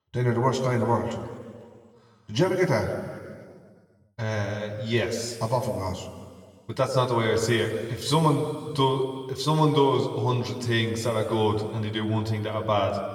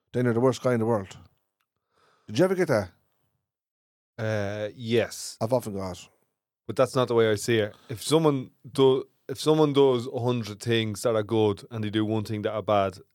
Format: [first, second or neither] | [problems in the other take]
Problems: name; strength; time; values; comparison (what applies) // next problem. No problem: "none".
second | room echo; noticeable; dies away in 2 s // off-mic speech; somewhat distant